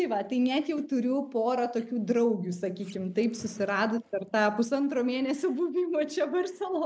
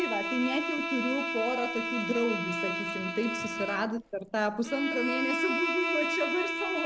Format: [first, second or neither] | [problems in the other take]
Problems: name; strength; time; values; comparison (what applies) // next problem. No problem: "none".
first | background sound (Bowed string instrument); 1 dB below the speech